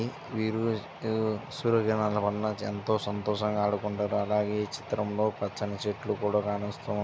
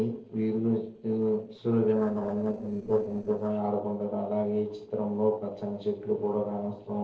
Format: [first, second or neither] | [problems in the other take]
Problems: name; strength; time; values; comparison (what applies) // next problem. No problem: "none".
first | noise reduction (neural separator model SepFormer DNS4)